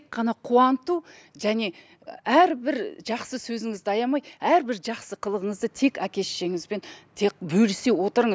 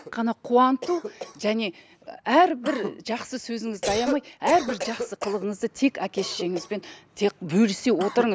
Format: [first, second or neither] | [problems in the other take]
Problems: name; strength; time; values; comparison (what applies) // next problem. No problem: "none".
first | background sound (Cough); 12 dB below the speech